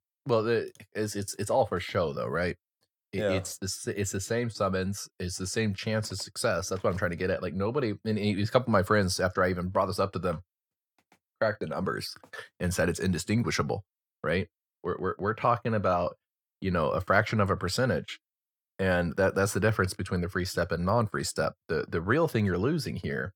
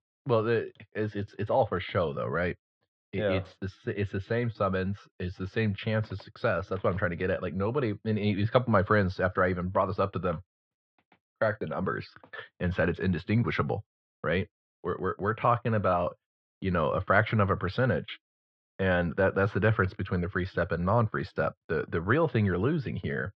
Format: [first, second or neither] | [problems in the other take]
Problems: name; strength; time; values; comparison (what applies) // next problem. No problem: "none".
first | muffled; very; fading above 3.5 kHz